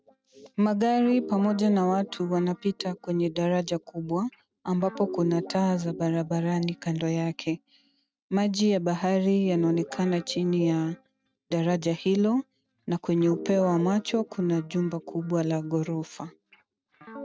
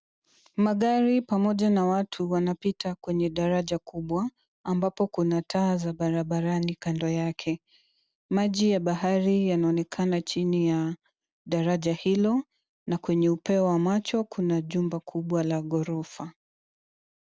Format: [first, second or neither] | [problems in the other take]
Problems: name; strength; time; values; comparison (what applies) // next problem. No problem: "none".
second | noise reduction (neural mask model RNNoise)